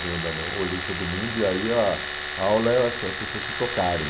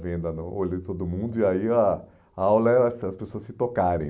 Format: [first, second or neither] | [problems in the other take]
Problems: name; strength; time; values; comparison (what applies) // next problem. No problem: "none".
second | background sound (Domestic sounds, home sounds); 5 dB below the speech